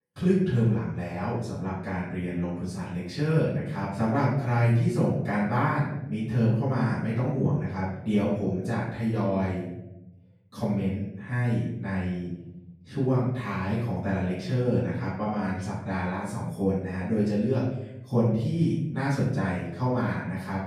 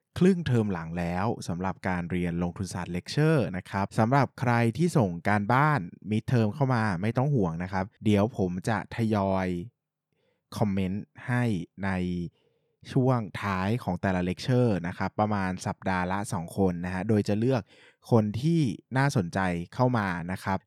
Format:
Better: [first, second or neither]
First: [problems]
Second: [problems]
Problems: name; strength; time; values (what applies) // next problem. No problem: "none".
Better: second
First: off-mic speech; far // room echo; noticeable; dies away in 0.9 s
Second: none